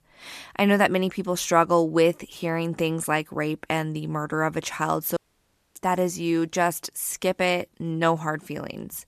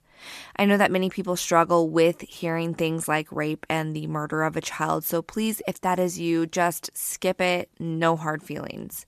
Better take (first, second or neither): second